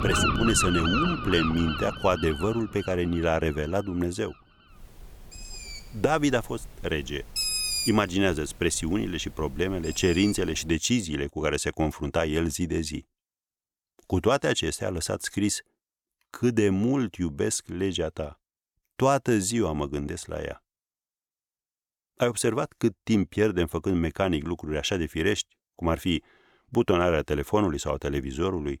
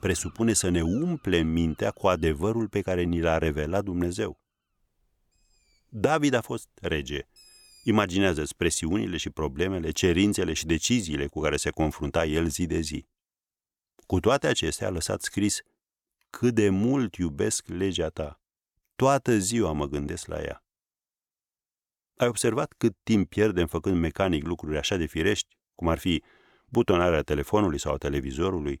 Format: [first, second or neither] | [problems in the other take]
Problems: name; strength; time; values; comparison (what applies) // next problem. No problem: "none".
second | animal sounds; loud; until 11 s; 3 dB below the speech; faint in the second